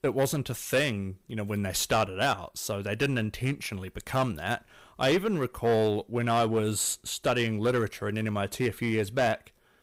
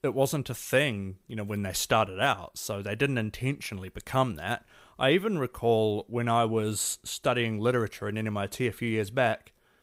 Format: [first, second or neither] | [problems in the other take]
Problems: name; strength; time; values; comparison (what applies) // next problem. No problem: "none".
second | distortion; slight; 5% of the sound clipped